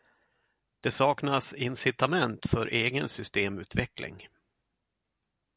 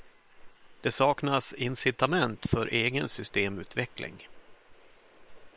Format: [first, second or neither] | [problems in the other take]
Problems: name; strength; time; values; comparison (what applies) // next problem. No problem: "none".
first | noise reduction (neural separator model SepFormer WHAM!)